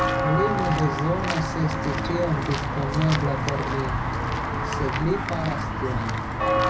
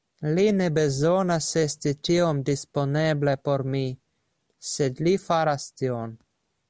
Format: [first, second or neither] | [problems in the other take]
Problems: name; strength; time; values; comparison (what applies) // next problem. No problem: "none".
second | background sound (Walk, footsteps / Bell); 2 dB above the speech // room echo; dies away in 0.4 s